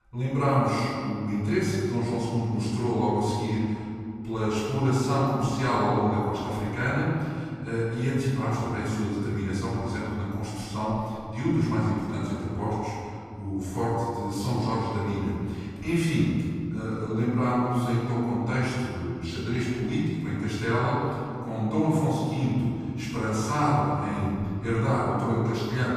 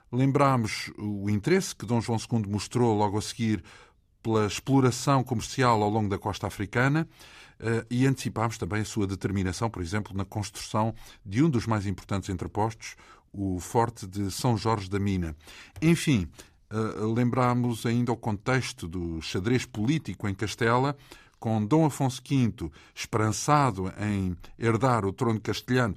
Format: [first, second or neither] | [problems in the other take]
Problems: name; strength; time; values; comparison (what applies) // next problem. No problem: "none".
second | room echo; strong; dies away in 2.2 s // off-mic speech; far